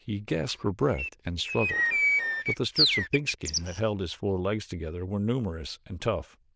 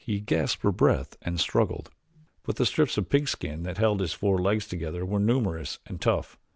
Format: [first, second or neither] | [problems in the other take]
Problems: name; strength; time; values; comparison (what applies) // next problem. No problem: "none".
second | noise reduction (neural diffusion model UNIVERSE++)